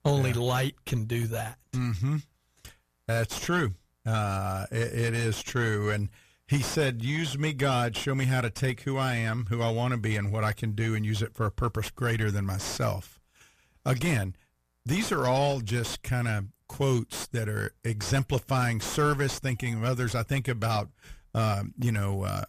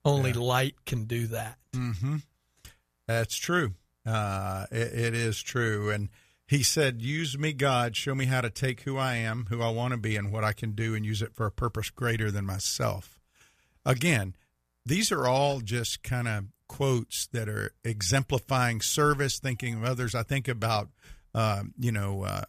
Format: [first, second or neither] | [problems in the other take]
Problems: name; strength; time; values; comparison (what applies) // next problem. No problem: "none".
second | distortion; slight; 9 dB below the speech